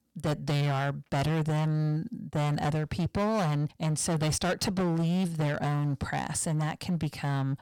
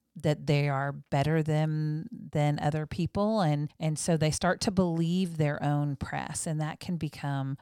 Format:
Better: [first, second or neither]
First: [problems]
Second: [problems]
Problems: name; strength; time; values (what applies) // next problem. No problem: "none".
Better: second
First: distortion; heavy; 23% of the sound clipped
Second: none